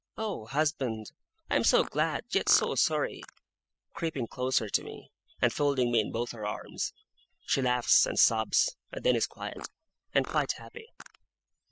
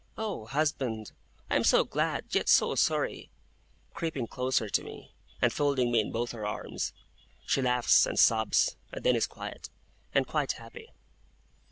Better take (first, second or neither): second